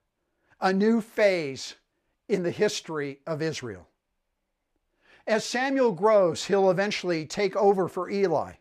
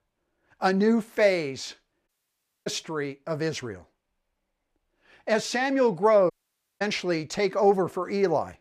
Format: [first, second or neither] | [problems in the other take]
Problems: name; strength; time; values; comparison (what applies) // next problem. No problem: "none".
first | audio cutting out; at 2 s for 0.5 s and at 6.5 s for 0.5 s